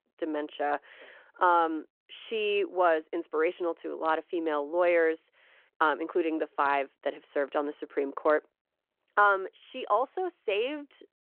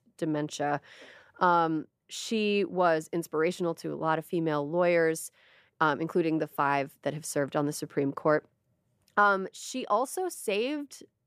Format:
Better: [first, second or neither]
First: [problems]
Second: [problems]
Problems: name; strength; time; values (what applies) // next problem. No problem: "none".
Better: second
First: phone-call audio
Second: none